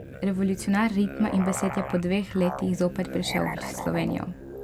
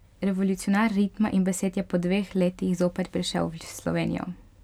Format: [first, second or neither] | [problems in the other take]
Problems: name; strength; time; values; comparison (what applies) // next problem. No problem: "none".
second | background sound (Musical instrument); 9 dB below the speech